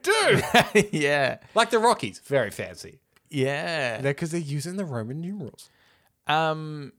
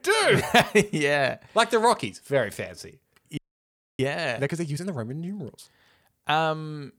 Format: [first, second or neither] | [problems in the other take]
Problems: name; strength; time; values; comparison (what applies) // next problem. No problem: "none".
first | audio freezing; at 3.5 s for 0.5 s